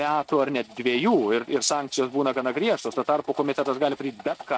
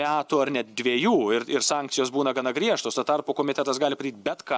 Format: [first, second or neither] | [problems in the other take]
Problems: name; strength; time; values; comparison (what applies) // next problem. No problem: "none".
second | noise reduction (neural mask model RNNoise)